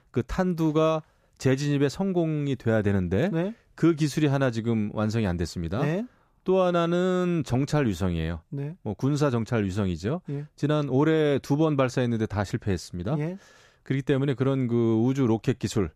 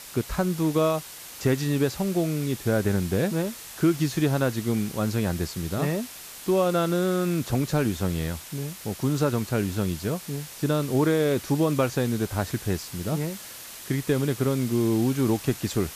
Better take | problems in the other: first | hiss; noticeable; throughout; 15 dB below the speech

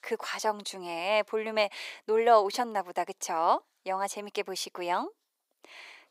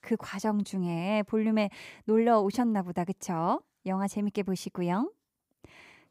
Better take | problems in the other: second | thin; very; fading below 450 Hz

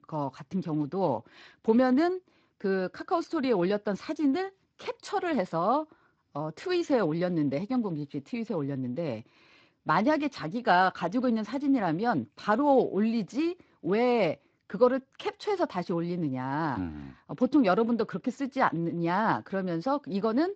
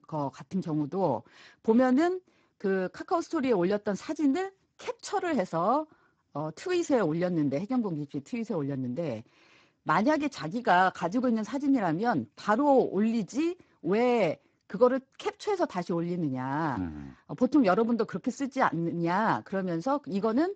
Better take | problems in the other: first | garbled, watery; badly; nothing above 7.5 kHz; slightly in the first

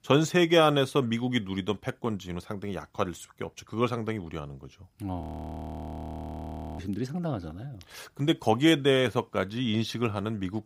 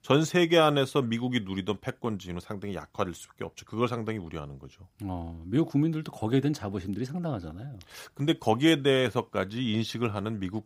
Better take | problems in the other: second | audio freezing; at 5 s for 1.5 s

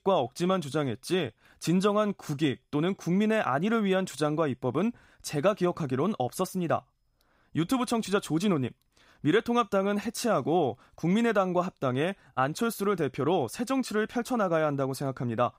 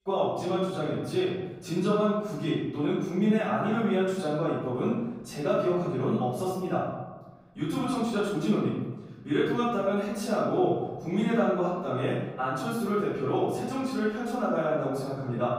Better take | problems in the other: first | room echo; strong; dies away in 1.1 s // off-mic speech; far

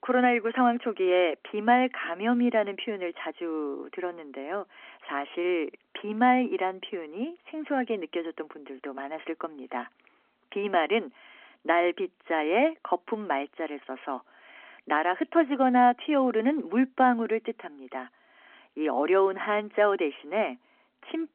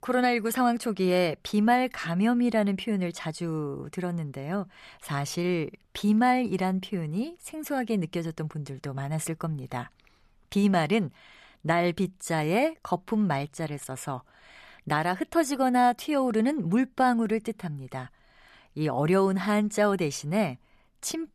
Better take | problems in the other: second | phone-call audio

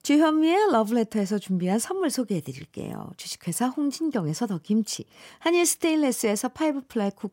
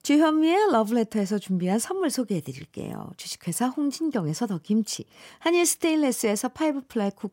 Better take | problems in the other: neither | none

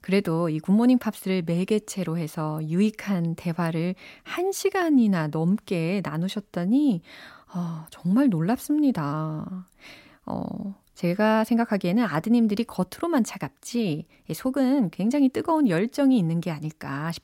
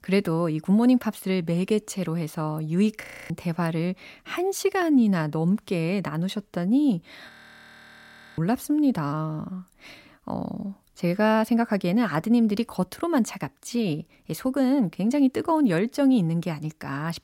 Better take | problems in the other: first | audio freezing; at 3 s and at 7.5 s for 1 s

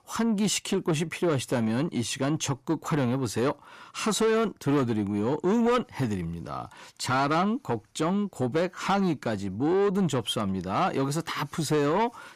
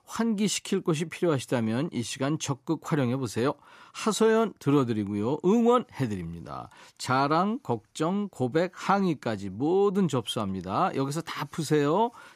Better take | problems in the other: second | distortion; slight; 10 dB below the speech

